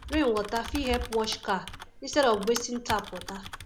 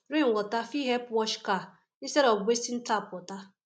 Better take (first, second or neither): second